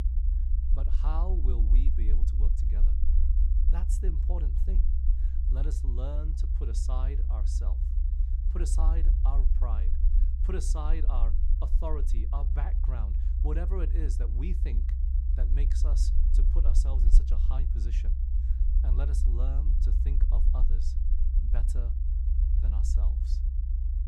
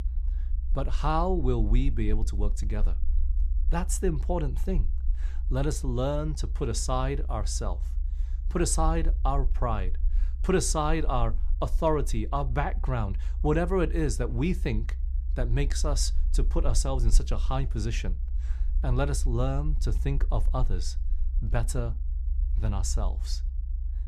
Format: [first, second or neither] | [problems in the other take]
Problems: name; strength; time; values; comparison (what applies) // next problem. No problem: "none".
second | low rumble; loud; throughout; 4 dB below the speech; faint in the second